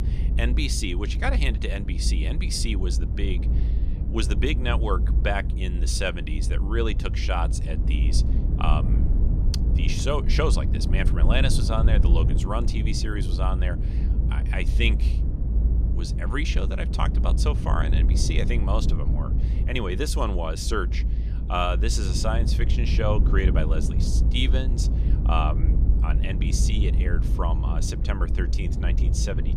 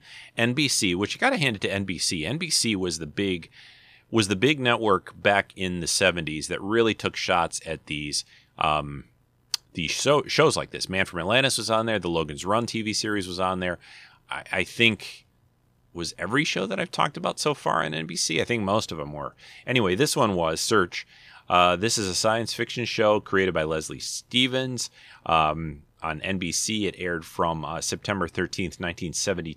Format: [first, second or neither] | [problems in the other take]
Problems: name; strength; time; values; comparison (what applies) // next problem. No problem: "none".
second | low rumble; loud; throughout; 9 dB below the speech